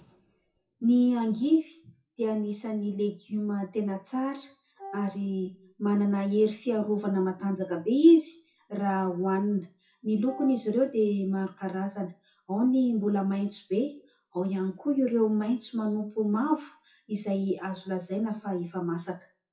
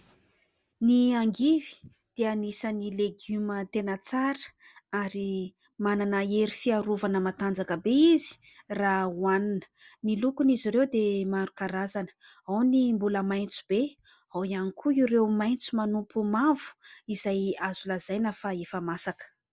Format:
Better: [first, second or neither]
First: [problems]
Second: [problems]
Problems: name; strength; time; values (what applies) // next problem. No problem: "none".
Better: second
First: noise reduction (classical method WPE with log-MMSE)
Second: none